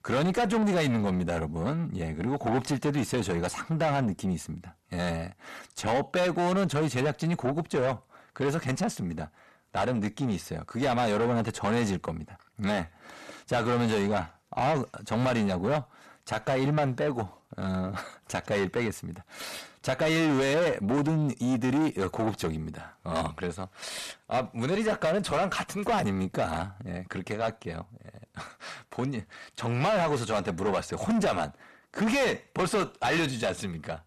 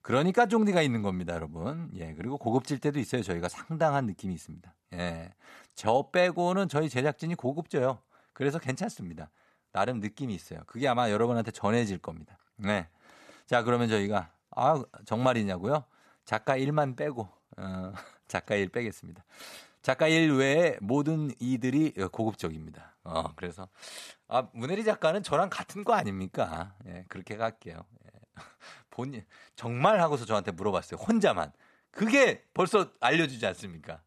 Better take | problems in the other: second | distortion; heavy; 6 dB below the speech

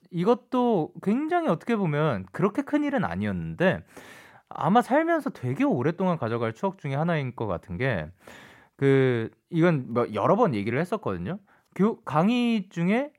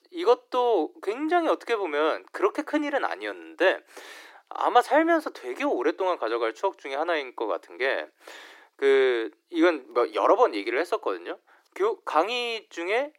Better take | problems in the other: first | thin; very; fading below 300 Hz

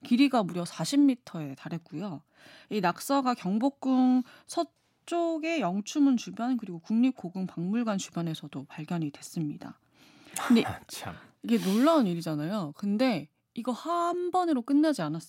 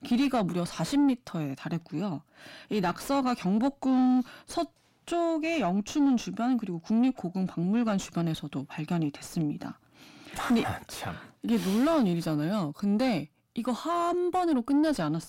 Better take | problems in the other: first | distortion; slight; 9 dB below the speech

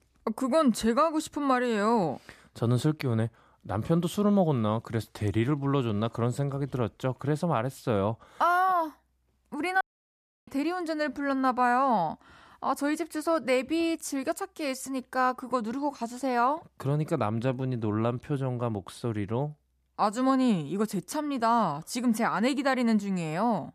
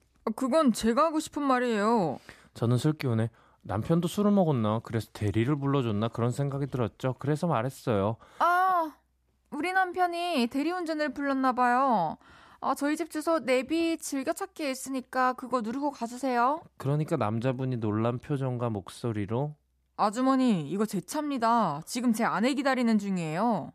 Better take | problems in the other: second | audio cutting out; at 10 s for 0.5 s

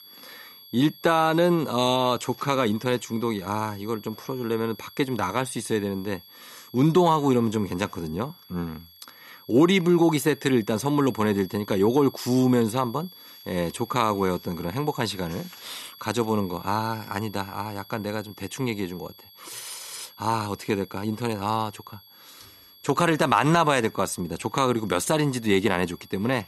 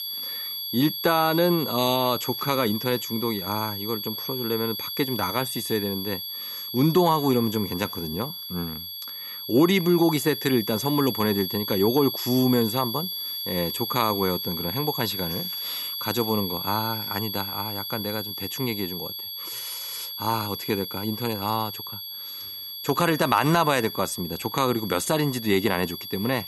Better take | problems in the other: first | high-pitched whine; loud; throughout; 4.5 kHz, 5 dB below the speech; faint in the first

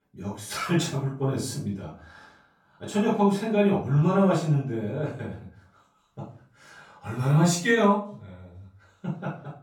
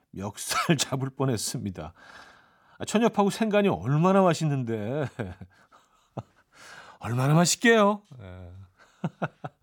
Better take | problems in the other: second | room echo; noticeable; dies away in 0.4 s // off-mic speech; far

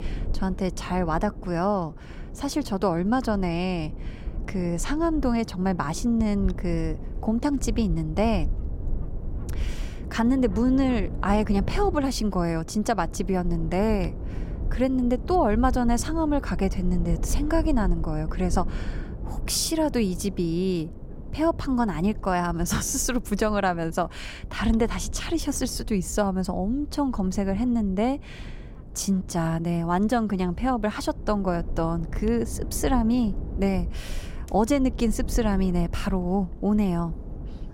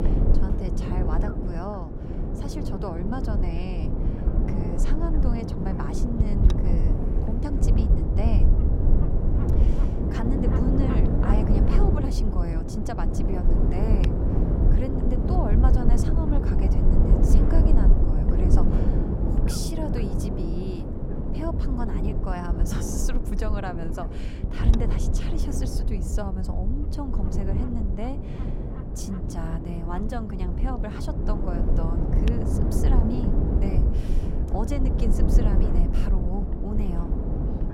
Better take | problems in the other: first | wind noise on the microphone; heavy; 1 dB above the speech; occasional gusts in the first

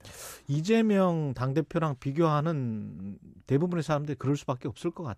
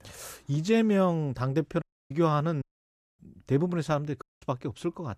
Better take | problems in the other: first | audio cutting out; at 2 s, at 2.5 s for 0.5 s and at 4 s

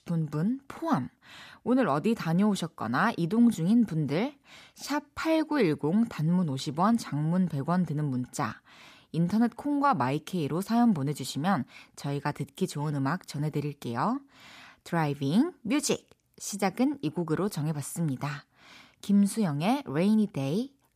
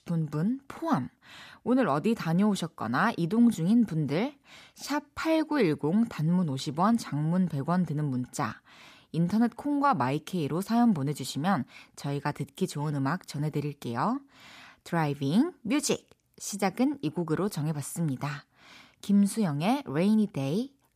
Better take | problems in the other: neither | none

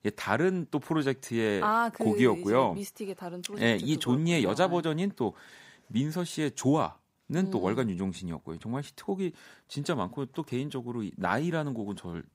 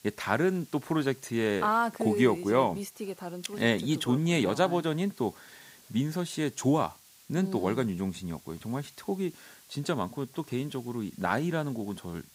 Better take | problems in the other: first | hiss; faint; throughout; 25 dB below the speech

